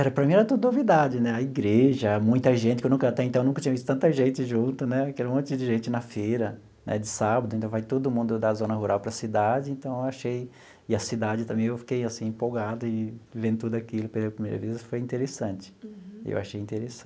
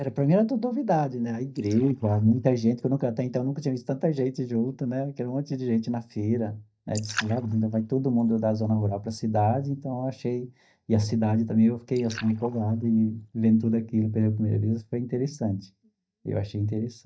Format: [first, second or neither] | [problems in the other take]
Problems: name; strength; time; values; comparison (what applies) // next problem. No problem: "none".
first | noise reduction (neural mask model DeepFilterNet 3)